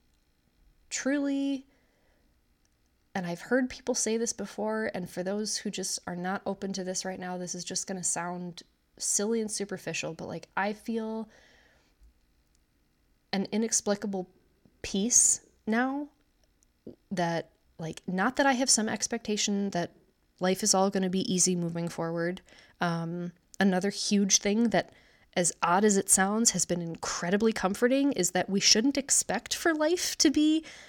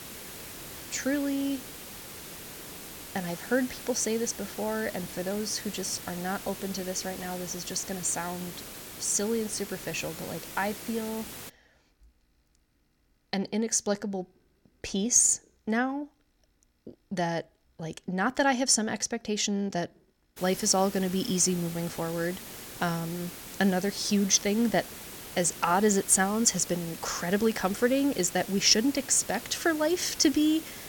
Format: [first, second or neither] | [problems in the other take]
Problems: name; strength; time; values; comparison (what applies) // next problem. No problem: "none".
first | hiss; noticeable; until 11 s and from 20 s on; 15 dB below the speech